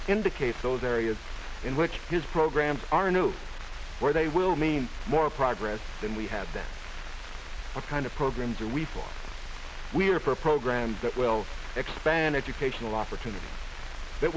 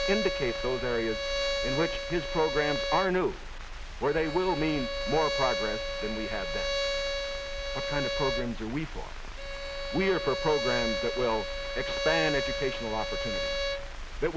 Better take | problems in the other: first | background sound (Bowed string instrument); 3 dB below the speech

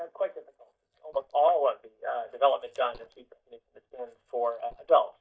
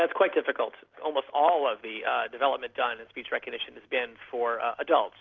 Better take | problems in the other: second | noise reduction (neural mask model DeepFilterNet 3)

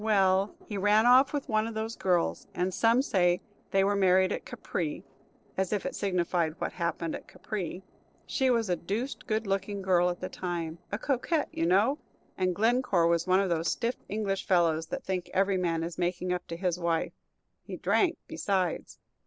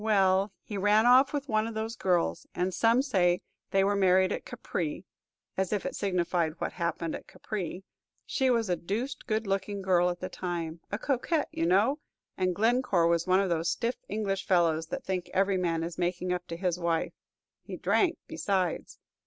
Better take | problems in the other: second | noise reduction (neural separator model SepFormer DNS4)

